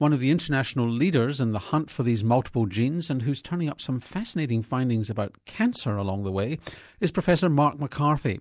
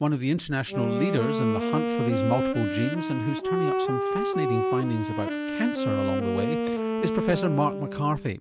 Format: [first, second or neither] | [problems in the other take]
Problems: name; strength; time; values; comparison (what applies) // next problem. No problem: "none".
first | background sound (Wind instrument, woodwind instrument); as loud as the speech